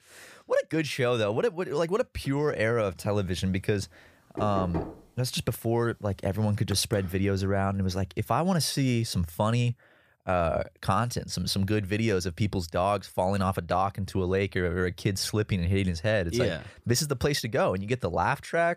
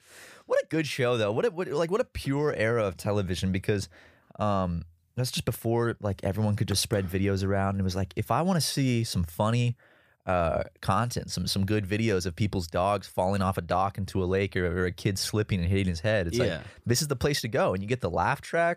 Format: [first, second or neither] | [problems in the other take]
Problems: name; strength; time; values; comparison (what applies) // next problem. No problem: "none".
second | door banging; noticeable; at 4.5 s; peak 7 dB below the speech